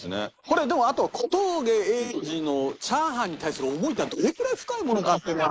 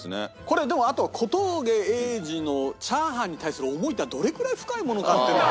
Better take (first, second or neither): second